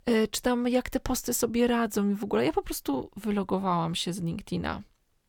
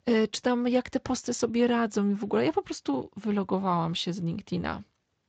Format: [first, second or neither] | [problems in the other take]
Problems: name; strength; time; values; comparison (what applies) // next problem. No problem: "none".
first | garbled, watery; slightly; nothing above 7.5 kHz